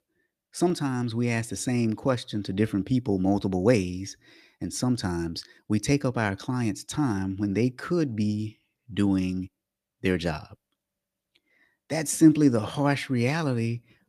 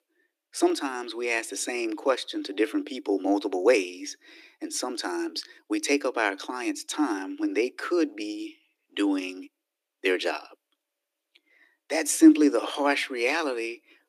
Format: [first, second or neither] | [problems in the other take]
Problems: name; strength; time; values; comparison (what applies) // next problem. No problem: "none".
first | thin; somewhat; fading below 300 Hz